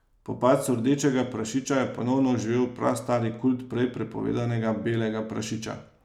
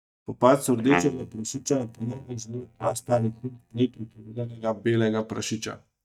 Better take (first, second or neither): first